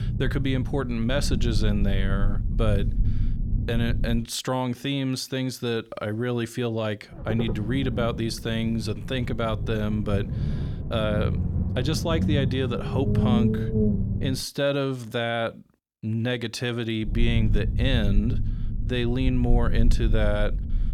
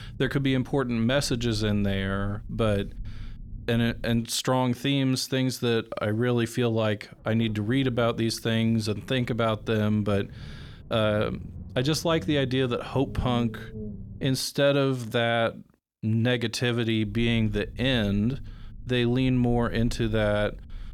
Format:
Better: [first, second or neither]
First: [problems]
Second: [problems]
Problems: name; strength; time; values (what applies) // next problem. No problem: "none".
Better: second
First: low rumble; loud; until 4 s, from 7 to 14 s and from 17 s on; 9 dB below the speech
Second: low rumble; faint; until 4 s, from 7 to 14 s and from 17 s on; 25 dB below the speech